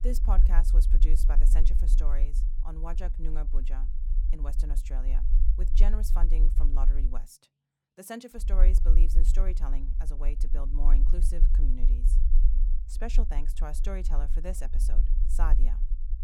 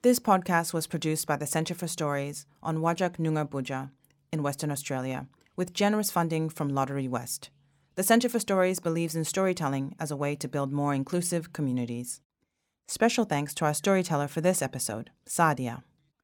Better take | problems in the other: second | low rumble; loud; until 7 s and from 8.5 s on; 9 dB below the speech

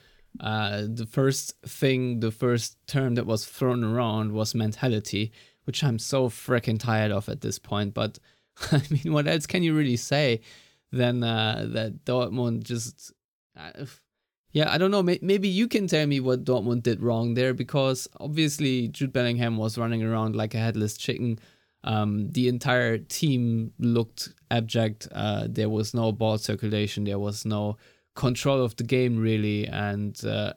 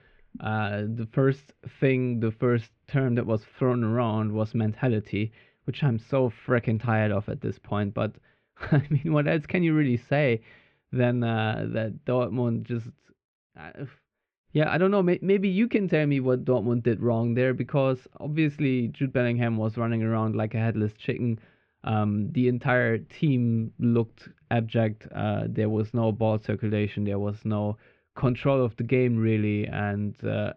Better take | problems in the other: first | muffled; very; fading above 2.5 kHz

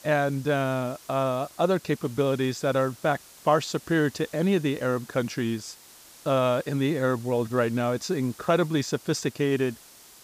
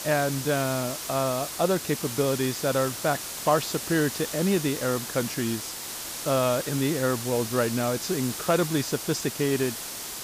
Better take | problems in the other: first | hiss; loud; throughout; 6 dB below the speech; faint in the first

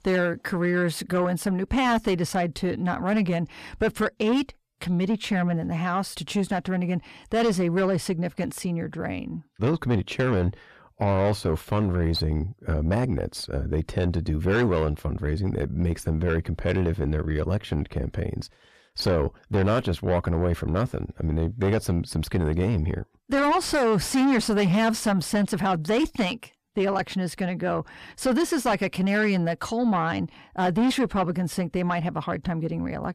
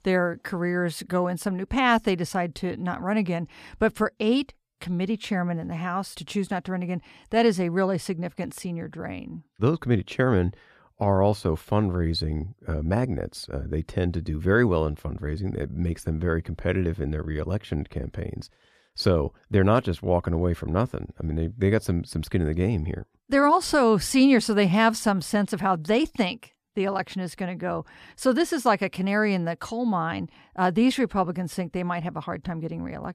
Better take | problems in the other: second | distortion; heavy; 7 dB below the speech

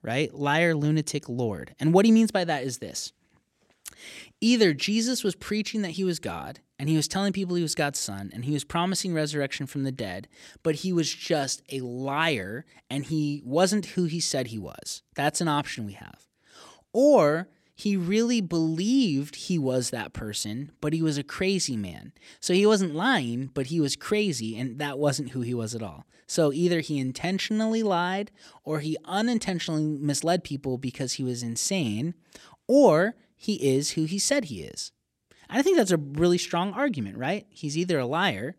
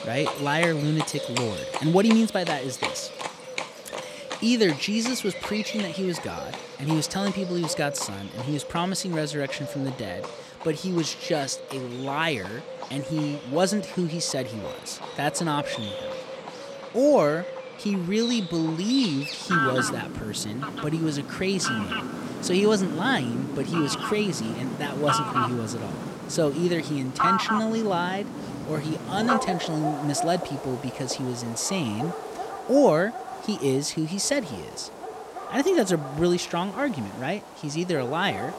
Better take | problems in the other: first | animal sounds; loud; throughout; 6 dB below the speech

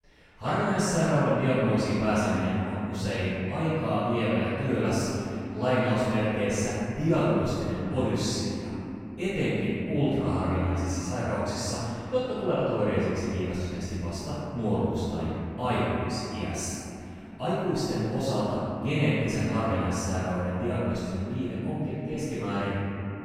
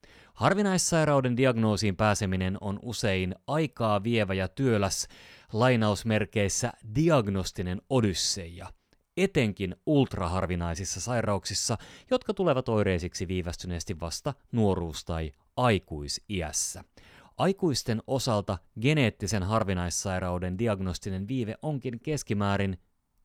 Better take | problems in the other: second | off-mic speech; far // room echo; strong; dies away in 3 s

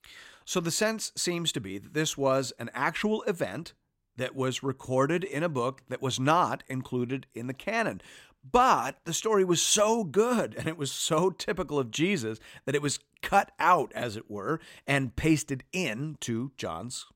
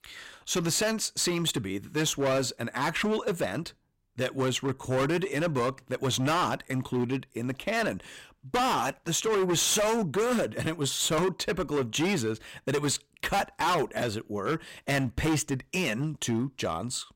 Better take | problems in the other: first | distortion; heavy; 15% of the sound clipped

